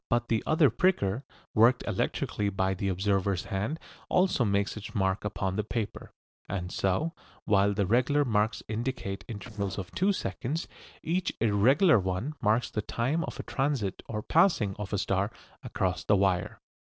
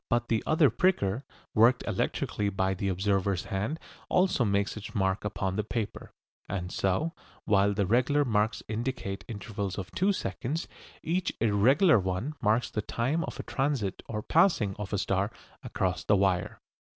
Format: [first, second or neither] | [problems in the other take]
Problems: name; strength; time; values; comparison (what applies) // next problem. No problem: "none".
second | noise reduction (neural separator model SepFormer DNS4)